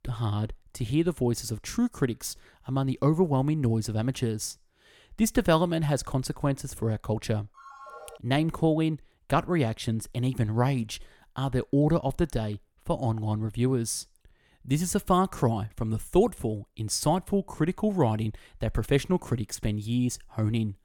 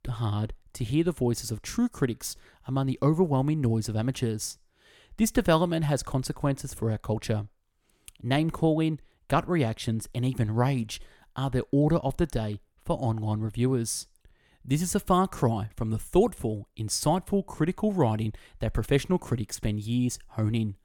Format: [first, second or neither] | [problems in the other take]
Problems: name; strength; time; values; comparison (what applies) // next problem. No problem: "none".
second | phone ringing; faint; at 7.5 s; peak 15 dB below the speech